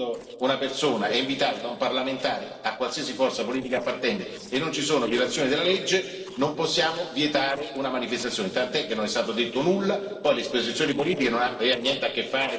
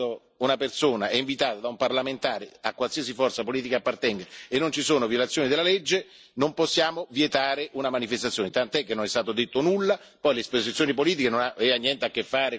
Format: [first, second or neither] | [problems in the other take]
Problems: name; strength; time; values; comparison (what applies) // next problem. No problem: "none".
second | noise reduction (neural separator model SepFormer DNS4)